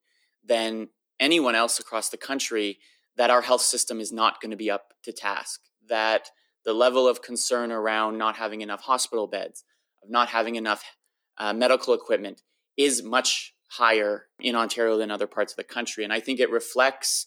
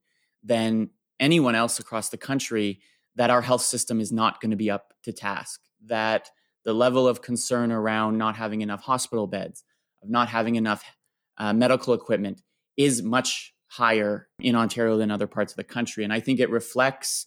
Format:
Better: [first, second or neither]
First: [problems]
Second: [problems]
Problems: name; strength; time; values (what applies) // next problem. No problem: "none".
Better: second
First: thin; somewhat; fading below 300 Hz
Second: none